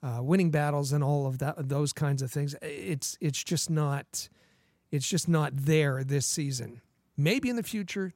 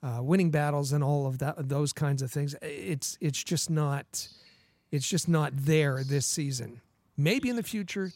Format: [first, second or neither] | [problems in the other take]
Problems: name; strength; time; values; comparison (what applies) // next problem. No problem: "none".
first | animal sounds; faint; throughout; 25 dB below the speech